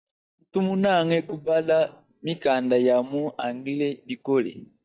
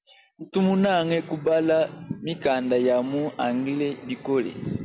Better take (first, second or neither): second